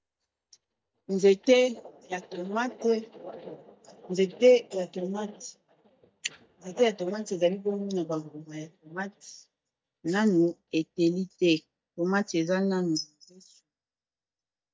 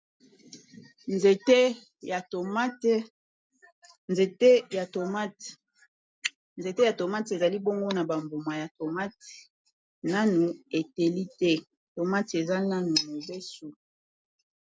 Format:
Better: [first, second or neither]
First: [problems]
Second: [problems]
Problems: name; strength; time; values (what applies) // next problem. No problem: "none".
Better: second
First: noise reduction (neural mask model DeepFilterNet 3)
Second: none